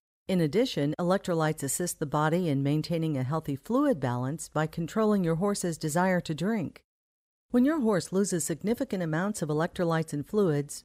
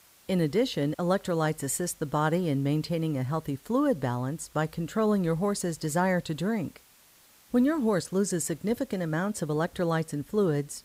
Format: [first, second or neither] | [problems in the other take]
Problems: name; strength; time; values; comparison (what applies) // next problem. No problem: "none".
first | hiss; faint; throughout; 30 dB below the speech